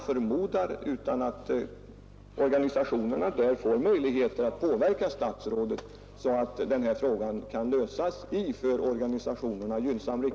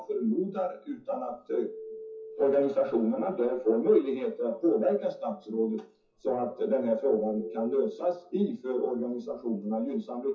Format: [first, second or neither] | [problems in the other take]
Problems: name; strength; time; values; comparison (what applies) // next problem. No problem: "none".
first | noise reduction (classical method WPE with log-MMSE)